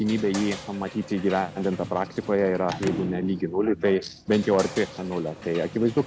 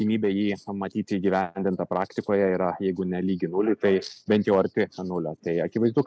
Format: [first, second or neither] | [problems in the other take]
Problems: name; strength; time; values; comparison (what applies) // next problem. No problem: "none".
second | background sound (Sliding door / Slam); 12 dB below the speech